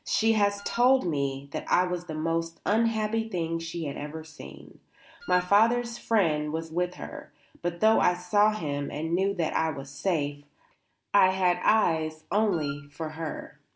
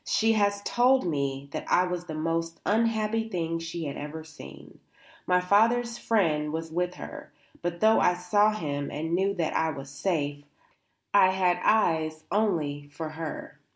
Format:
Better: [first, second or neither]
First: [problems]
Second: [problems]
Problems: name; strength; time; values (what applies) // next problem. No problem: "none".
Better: second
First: background sound (Wind instrument, woodwind instrument); 16 dB below the speech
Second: none